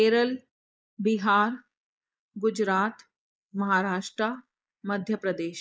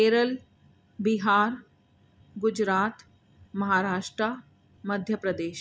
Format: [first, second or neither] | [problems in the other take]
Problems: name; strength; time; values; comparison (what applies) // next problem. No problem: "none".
second | noise reduction (neural mask model Resemble Enhance denoiser)